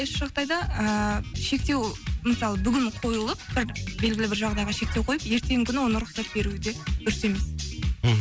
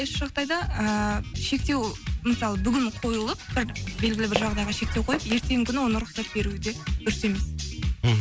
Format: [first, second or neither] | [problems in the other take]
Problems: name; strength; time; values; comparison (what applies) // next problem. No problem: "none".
first | background sound (Walk, footsteps); 10 dB below the speech